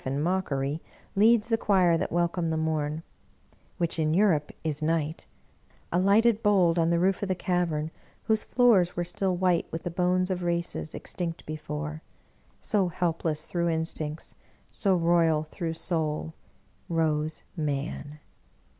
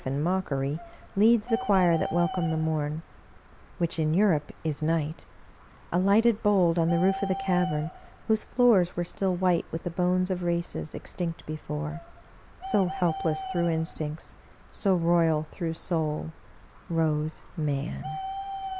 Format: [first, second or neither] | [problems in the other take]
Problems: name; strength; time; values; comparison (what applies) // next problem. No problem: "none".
first | background sound (Bird); 13 dB below the speech